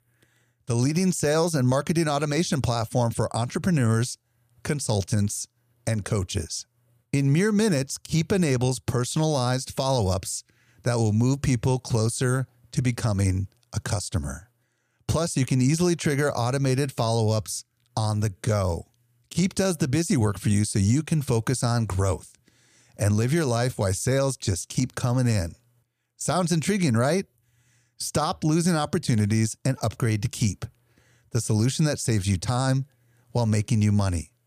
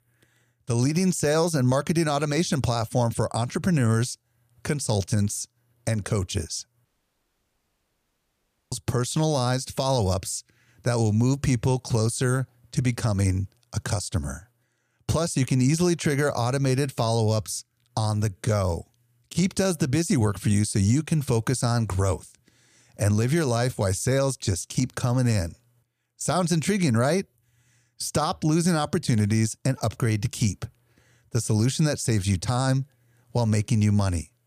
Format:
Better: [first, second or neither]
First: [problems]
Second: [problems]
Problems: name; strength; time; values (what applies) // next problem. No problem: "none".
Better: first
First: none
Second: audio cutting out; at 7 s for 2 s